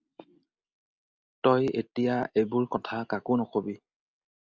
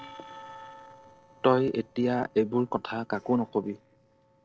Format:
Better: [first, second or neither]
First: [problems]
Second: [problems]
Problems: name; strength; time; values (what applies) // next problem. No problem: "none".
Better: first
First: none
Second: noise reduction (neural separator model SepFormer DNS4)